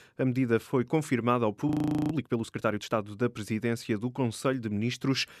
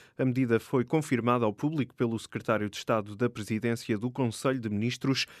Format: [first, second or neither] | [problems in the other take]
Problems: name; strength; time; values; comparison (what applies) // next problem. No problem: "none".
second | audio freezing; at 1.5 s